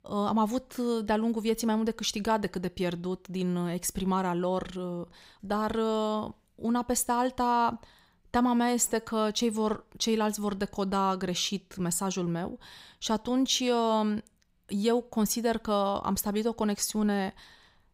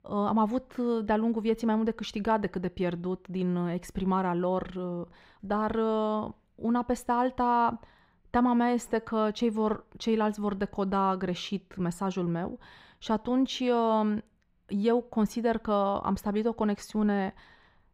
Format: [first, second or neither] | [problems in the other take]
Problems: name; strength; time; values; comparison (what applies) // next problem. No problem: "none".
first | muffled; slightly; fading above 4 kHz